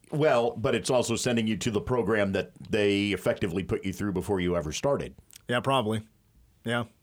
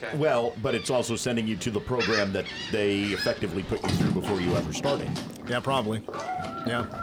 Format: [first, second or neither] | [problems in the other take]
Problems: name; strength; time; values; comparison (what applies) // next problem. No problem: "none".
first | animal sounds; loud; throughout; 4 dB below the speech